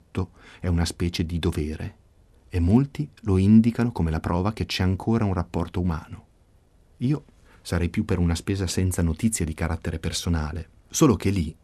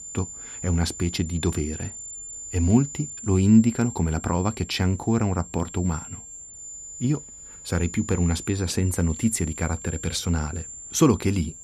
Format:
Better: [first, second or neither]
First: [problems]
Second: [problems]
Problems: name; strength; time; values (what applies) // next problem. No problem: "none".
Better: first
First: none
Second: high-pitched whine; noticeable; throughout; 7 kHz, 10 dB below the speech